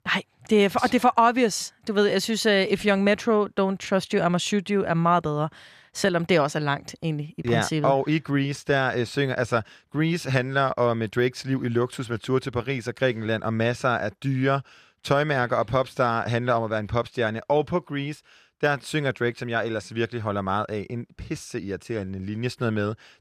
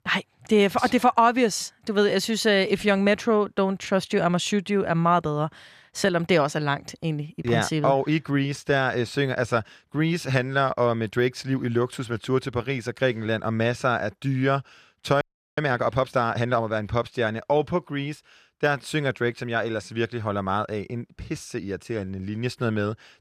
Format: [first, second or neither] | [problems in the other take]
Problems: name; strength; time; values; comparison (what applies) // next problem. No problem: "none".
first | audio freezing; at 15 s